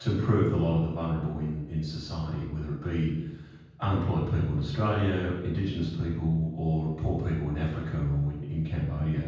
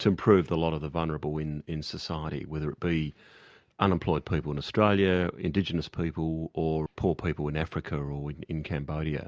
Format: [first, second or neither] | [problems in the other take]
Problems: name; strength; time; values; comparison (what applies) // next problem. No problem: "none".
second | room echo; dies away in 1.2 s